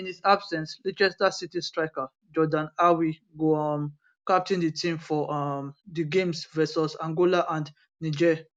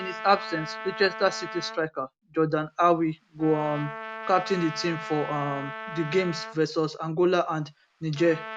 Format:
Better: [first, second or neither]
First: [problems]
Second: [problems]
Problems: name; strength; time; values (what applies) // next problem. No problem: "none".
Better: first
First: none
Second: background sound (Trumpet); 12 dB below the speech